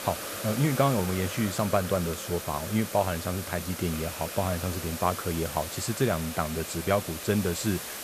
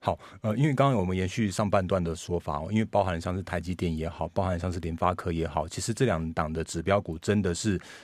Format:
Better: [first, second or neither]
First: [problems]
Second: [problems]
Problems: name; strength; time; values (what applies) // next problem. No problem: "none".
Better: second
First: hiss; loud; throughout; 7 dB below the speech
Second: none